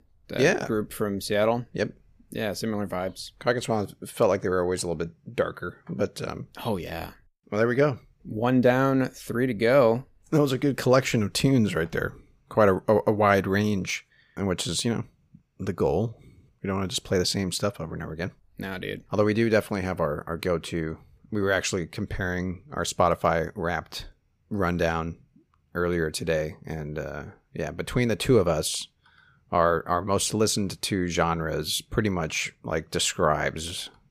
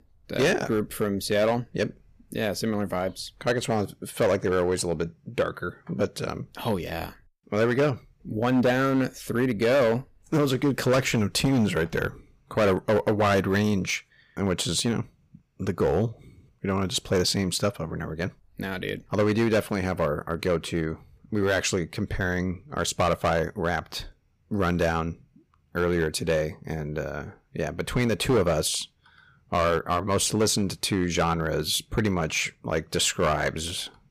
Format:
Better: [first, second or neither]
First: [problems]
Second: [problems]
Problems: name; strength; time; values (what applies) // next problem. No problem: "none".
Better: first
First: none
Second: distortion; slight; 5% of the sound clipped